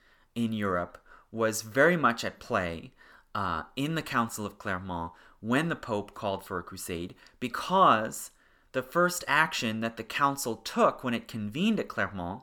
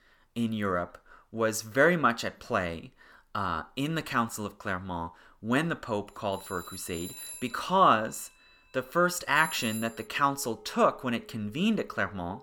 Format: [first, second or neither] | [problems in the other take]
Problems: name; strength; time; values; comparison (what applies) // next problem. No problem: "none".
first | alarms or sirens; noticeable; from 6.5 s on; 15 dB below the speech